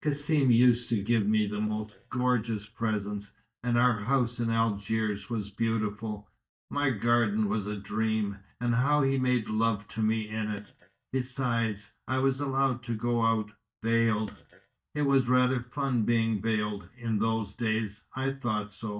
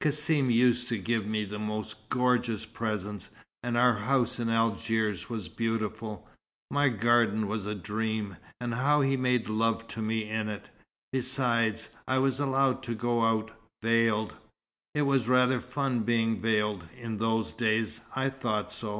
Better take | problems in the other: second | noise reduction (neural mask model DeepFilterNet 3)

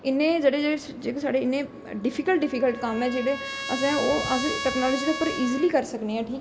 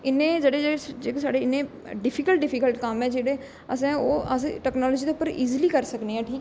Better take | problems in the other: second | background sound (Trumpet); 10 dB below the speech // room echo; dies away in 2.1 s

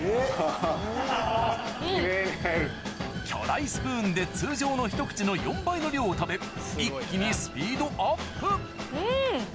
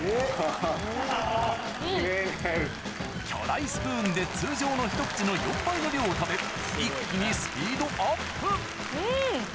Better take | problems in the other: first | background sound (Applause); 7 dB below the speech

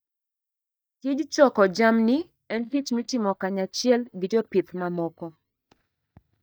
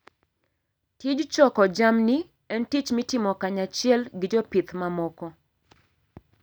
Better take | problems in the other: second | noise reduction (neural mask model DeepFilterNet 3)

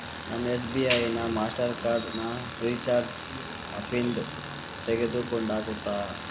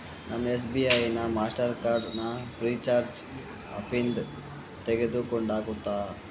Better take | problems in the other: second | background sound (Tools); 10 dB below the speech

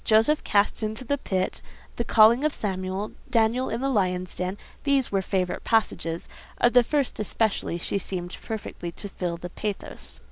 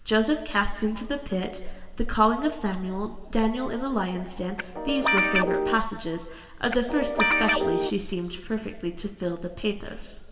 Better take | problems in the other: first | background sound (Guitar); 2 dB above the speech // room echo; dies away in 1.7 s

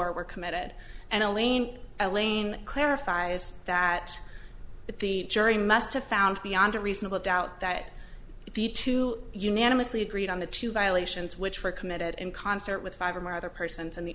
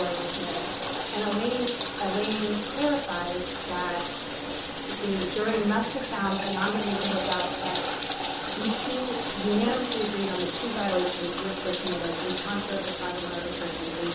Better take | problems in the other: first | background sound (Bathtub (filling or washing)); 2 dB below the speech // room echo; dies away in 1.2 s

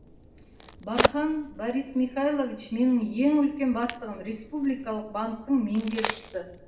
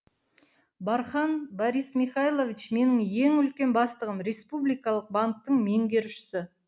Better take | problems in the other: second | background sound (Crack); 8 dB below the speech // room echo; dies away in 0.8 s

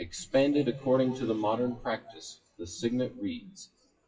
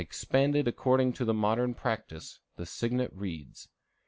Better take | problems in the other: second | noise reduction (classical method WPE with log-MMSE)

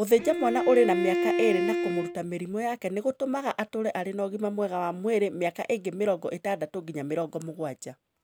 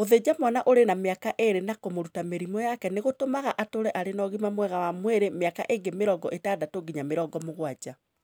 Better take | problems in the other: second | background sound (Bowed string instrument); as loud as the speech

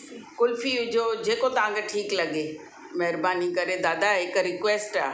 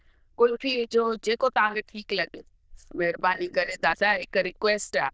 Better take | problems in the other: first | noise reduction (neural diffusion model UNIVERSE++)

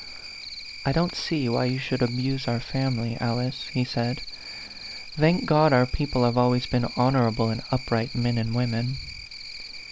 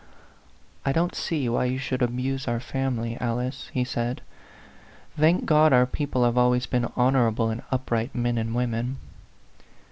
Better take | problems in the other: second | background sound (Cricket); 14 dB below the speech

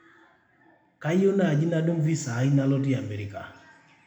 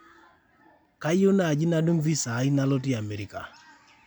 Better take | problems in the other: second | room echo; dies away in 0.9 s

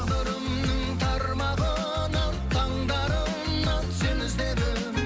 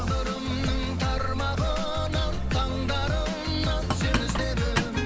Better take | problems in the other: first | background sound (Boiling); 8 dB below the speech

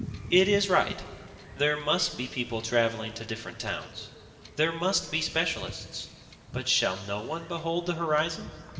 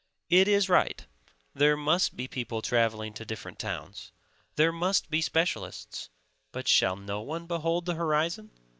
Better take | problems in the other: second | background sound (Wind / Ocean / Boat, Water vehicle); 15 dB below the speech // room echo; dies away in 2.2 s

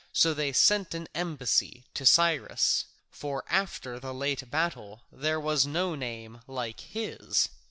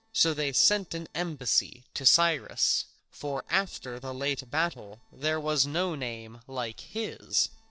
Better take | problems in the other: first | noise reduction (neural separator model SepFormer DNS4)

